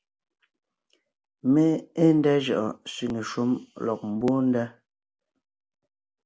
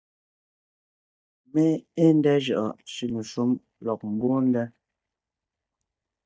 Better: first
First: none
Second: noise reduction (neural mask model DeepFilterNet 3)

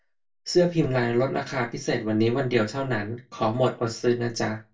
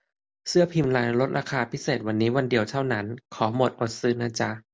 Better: second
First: room echo; dies away in 0.2 s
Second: none

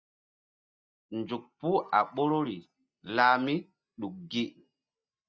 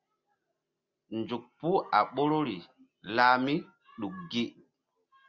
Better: second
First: noise reduction (neural mask model DeepFilterNet 3)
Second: none

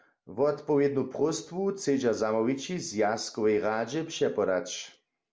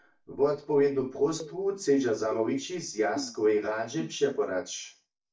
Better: first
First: none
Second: noise reduction (neural mask model DeepFilterNet 3)

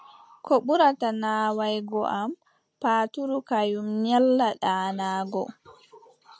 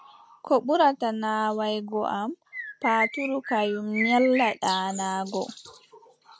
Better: first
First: none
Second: background sound (Bird); 7 dB below the speech

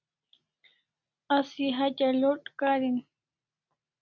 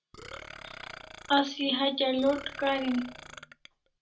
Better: first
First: none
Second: background sound (Burping, eructation); 15 dB below the speech // room echo; dies away in 0.2 s

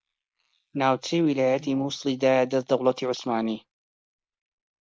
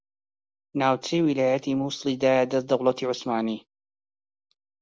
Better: second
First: noise reduction (neural mask model Resemble Enhance denoiser)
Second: none

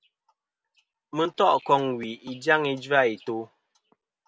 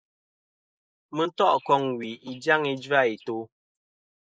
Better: first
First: none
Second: noise reduction (neural mask model Resemble Enhance denoiser)

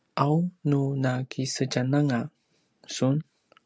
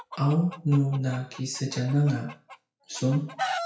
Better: first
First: none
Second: noise reduction (classical method WPE with log-MMSE)

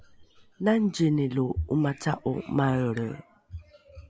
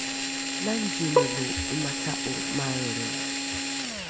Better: first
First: none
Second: background sound (Bowed string instrument + Drill); 5 dB above the speech

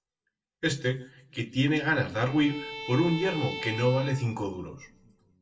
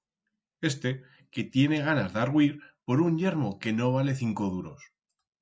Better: second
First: background sound (Bowed string instrument); 11 dB below the speech // room echo; dies away in 0.6 s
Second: none

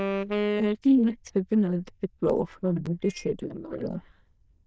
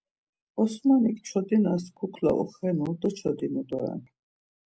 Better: second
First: noise reduction (neural diffusion model UNIVERSE++)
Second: none

